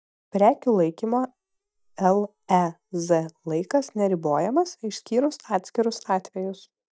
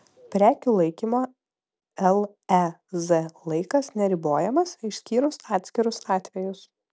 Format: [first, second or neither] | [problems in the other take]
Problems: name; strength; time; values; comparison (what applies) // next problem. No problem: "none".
second | noise reduction (neural mask model DeepFilterNet 3)